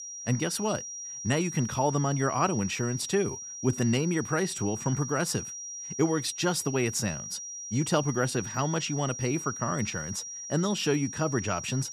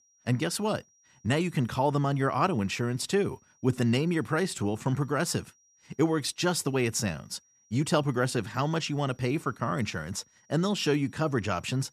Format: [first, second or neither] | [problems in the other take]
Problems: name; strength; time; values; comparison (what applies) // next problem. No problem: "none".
second | high-pitched whine; loud; throughout; 5.5 kHz, 7 dB below the speech; faint in the second